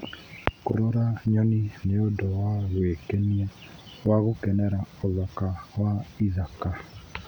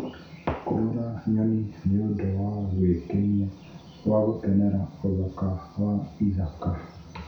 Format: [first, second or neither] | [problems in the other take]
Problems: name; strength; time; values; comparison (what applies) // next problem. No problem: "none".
first | room echo; dies away in 0.6 s